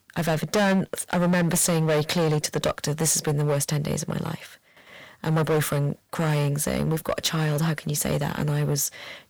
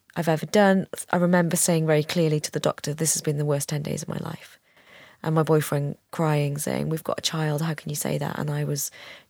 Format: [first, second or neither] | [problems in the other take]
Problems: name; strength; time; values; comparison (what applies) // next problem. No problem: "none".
second | distortion; heavy; 11% of the sound clipped